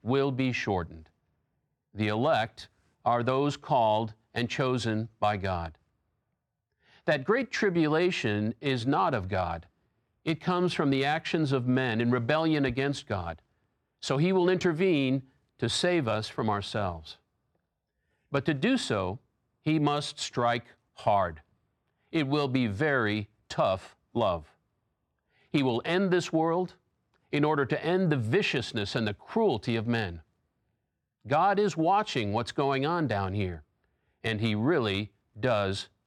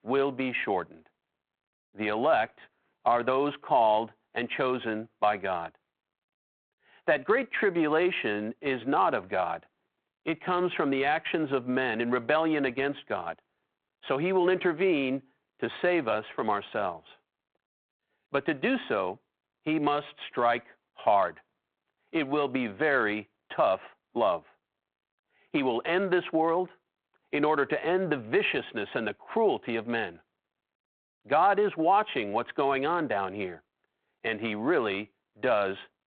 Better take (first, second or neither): first